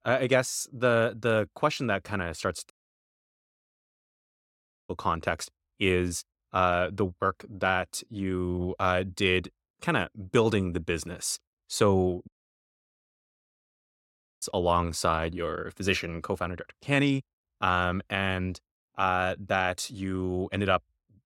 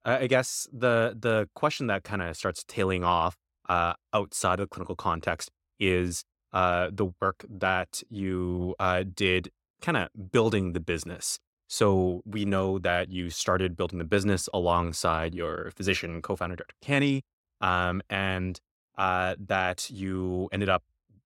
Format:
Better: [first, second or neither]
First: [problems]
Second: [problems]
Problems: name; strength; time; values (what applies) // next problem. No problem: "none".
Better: second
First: audio cutting out; at 2.5 s for 2 s and at 12 s for 2 s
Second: none